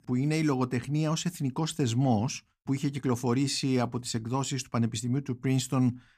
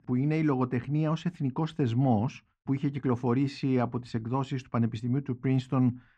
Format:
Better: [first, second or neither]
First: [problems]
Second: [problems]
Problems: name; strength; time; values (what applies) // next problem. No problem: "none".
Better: first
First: none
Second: muffled; very; fading above 2 kHz